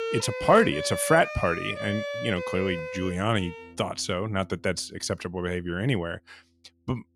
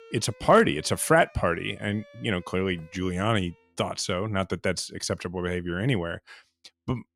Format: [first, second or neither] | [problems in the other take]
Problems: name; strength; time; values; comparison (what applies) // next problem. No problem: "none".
second | background music; loud; throughout; 7 dB below the speech; faint in the second